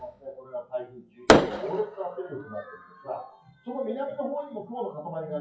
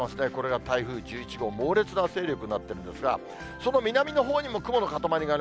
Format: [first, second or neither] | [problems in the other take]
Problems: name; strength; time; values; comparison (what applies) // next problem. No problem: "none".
second | noise reduction (classical method WPE with log-MMSE)